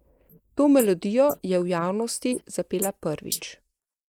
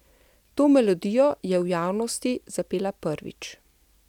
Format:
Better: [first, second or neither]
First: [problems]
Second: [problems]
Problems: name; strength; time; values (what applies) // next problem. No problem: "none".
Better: second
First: noise reduction (neural mask model Resemble Enhance denoiser)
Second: none